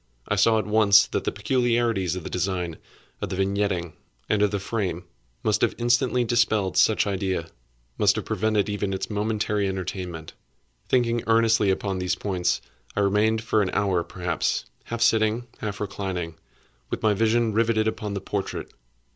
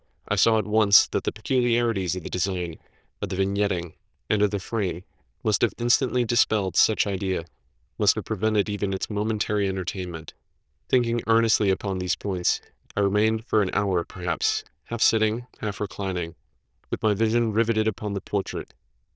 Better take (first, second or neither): first